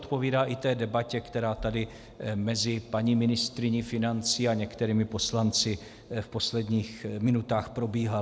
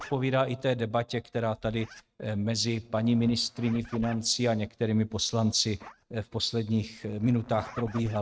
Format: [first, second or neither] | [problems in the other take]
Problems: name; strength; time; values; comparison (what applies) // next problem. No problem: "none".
first | noise reduction (neural mask model RNNoise)